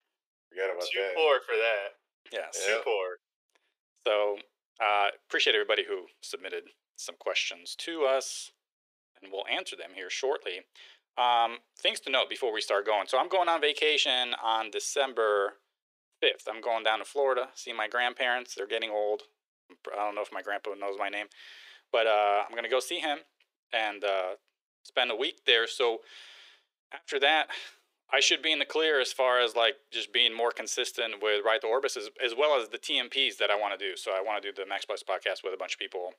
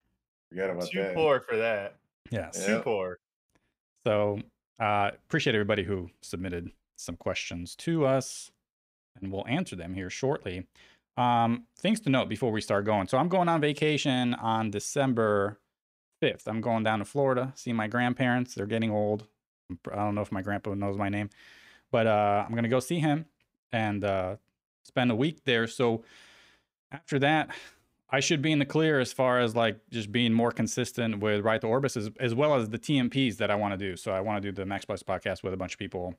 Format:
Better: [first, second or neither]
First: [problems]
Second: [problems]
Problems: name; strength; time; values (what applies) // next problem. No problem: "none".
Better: second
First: thin; very; fading below 400 Hz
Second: none